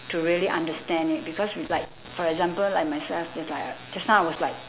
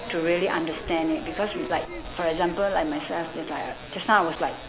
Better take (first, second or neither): first